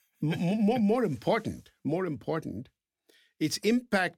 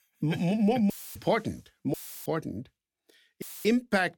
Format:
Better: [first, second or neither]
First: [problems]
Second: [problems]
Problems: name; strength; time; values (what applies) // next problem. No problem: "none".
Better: first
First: none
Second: audio cutting out; filled with static; at 1 s, at 2 s and at 3.5 s